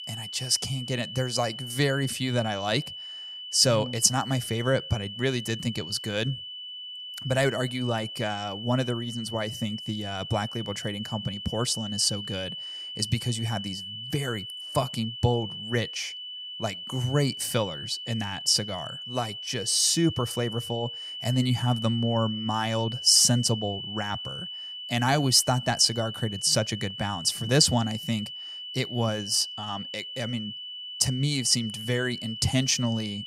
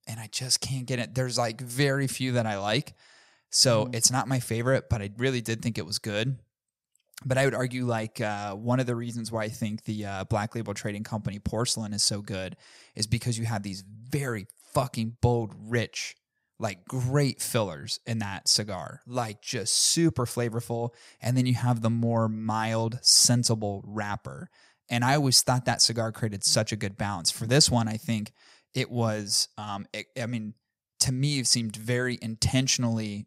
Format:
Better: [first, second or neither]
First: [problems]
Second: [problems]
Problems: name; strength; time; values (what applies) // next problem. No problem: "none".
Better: second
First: high-pitched whine; loud; throughout; 3 kHz, 9 dB below the speech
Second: none